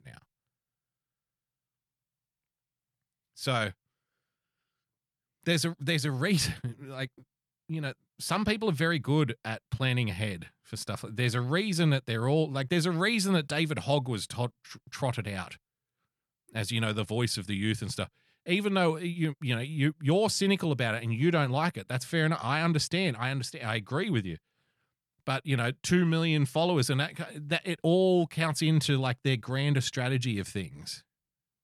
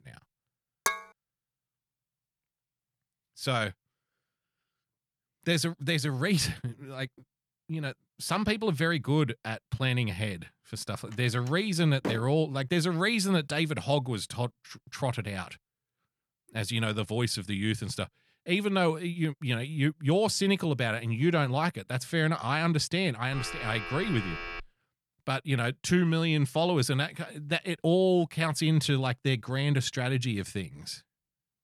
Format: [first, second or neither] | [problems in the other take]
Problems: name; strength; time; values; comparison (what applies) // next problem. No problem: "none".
first | clattering dishes; noticeable; at 1 s; peak 2 dB below the speech // door banging; noticeable; at 11 s; peak 7 dB below the speech // phone ringing; noticeable; from 23 to 25 s; peak 8 dB below the speech